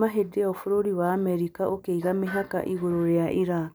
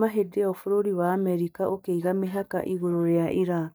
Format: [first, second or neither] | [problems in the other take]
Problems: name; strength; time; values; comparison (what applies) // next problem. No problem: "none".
first | noise reduction (neural mask model DeepFilterNet 3)